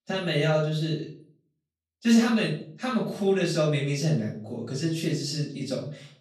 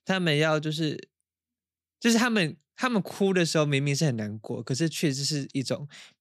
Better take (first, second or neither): second